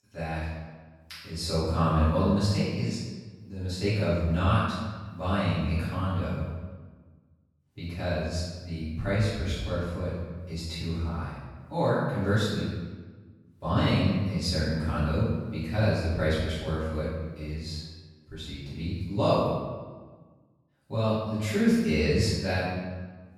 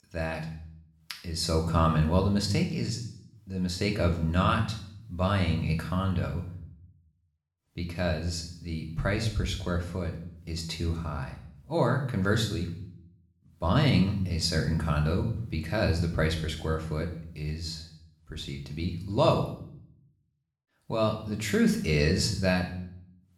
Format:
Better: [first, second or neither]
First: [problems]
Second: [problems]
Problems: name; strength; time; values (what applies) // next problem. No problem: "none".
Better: second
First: room echo; strong; dies away in 1.1 s // off-mic speech; far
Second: room echo; slight; dies away in 0.6 s // off-mic speech; somewhat distant